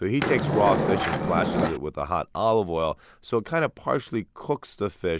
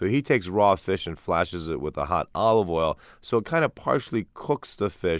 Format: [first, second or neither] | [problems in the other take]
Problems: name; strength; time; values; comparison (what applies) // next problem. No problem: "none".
second | background sound (Skateboard); 1 dB above the speech